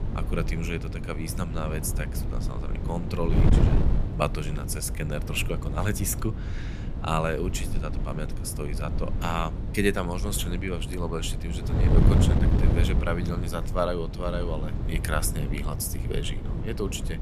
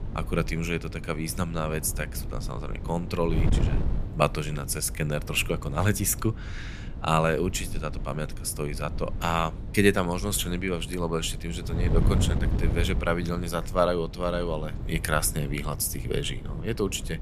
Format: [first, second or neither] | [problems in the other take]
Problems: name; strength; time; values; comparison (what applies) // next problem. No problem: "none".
second | wind noise on the microphone; heavy; 6 dB below the speech; occasional gusts in the second